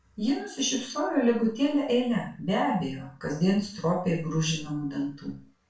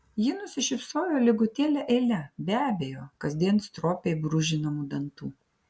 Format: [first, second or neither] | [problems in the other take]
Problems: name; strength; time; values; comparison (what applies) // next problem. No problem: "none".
second | room echo; dies away in 0.3 s